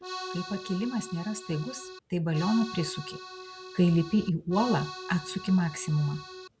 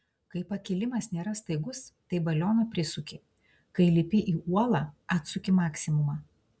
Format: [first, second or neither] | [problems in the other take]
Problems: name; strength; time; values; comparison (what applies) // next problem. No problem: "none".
second | background sound (Accordion); 12 dB below the speech